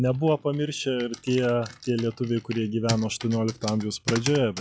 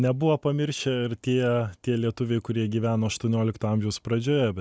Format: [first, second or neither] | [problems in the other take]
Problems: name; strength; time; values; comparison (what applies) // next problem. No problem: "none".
second | noise reduction (classical method log-MMSE)